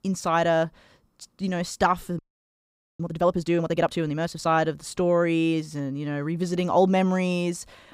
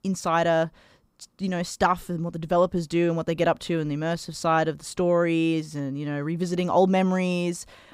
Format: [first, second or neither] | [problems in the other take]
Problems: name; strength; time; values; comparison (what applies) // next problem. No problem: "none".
second | audio freezing; at 2 s for 1 s